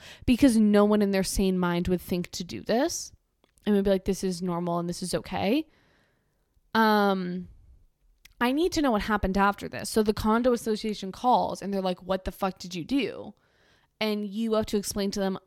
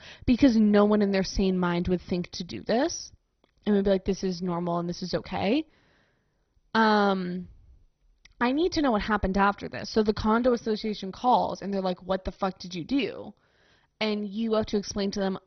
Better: first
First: none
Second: garbled, watery; badly; nothing above 6 kHz

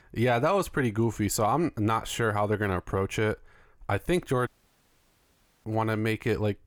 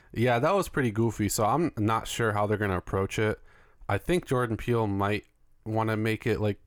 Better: second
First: audio cutting out; at 4.5 s for 1 s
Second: none

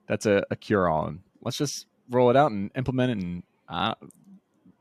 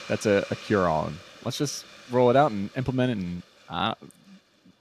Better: first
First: none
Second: hiss; noticeable; throughout; 20 dB below the speech

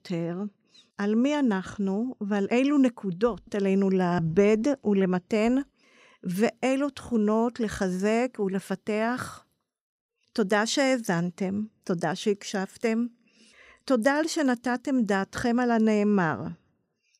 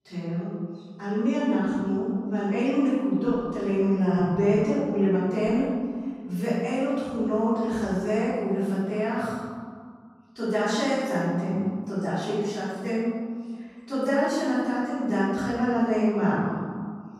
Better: first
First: none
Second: off-mic speech; far // room echo; strong; dies away in 1.8 s

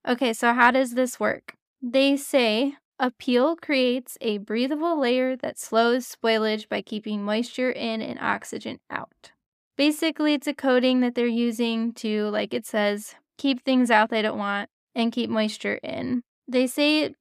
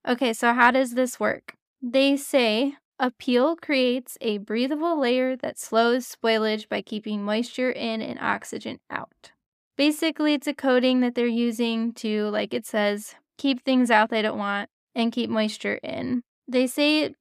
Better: neither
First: none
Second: none

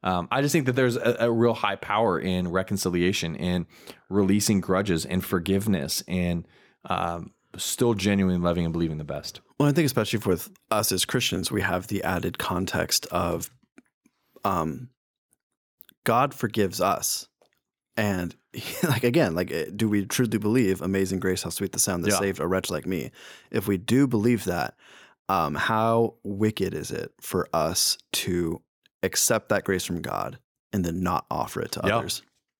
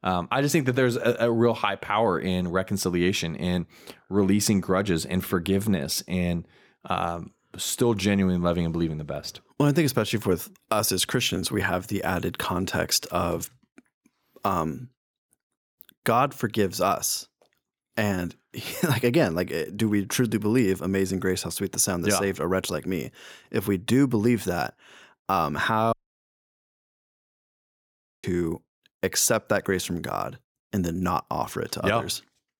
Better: first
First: none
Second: audio cutting out; at 26 s for 2.5 s

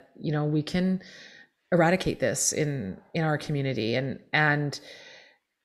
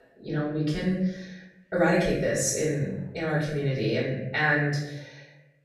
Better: first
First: none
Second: off-mic speech; far // room echo; noticeable; dies away in 0.8 s

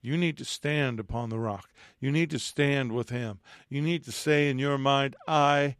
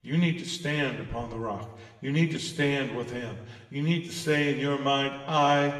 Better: first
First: none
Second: room echo; slight; dies away in 0.9 s // off-mic speech; far

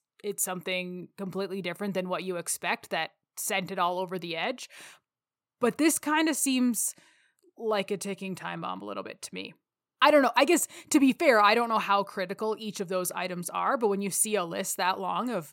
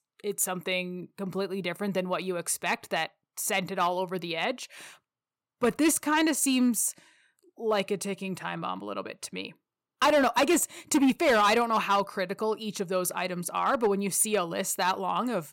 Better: first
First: none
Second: distortion; slight; 3% of the sound clipped

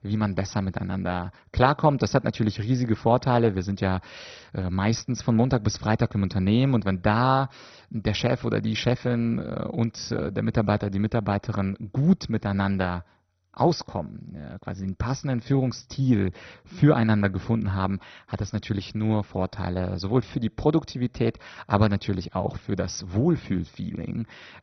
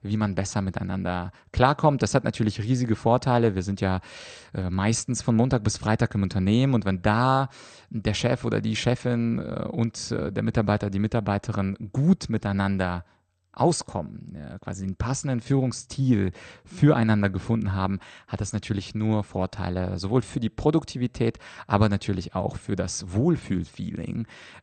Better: second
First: garbled, watery; badly; nothing above 6 kHz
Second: garbled, watery; slightly; nothing above 8.5 kHz

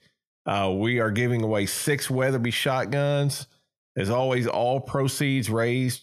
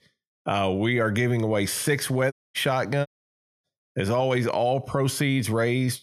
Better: first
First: none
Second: audio cutting out; at 2.5 s and at 3 s for 0.5 s

